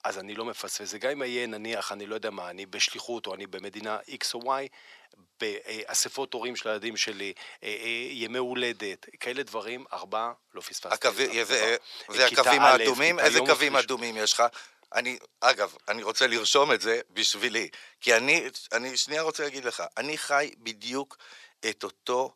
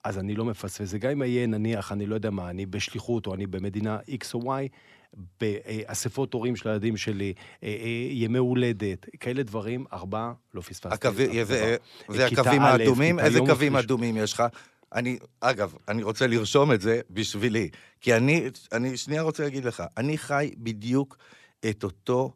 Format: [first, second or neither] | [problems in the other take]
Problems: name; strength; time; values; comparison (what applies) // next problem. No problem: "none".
second | thin; very; fading below 600 Hz